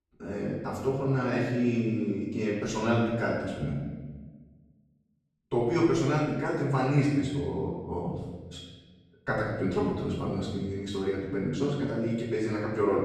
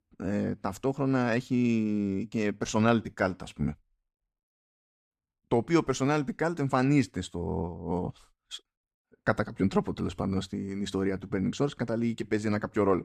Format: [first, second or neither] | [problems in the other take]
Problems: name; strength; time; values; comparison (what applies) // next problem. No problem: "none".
second | off-mic speech; far // room echo; noticeable; dies away in 1.2 s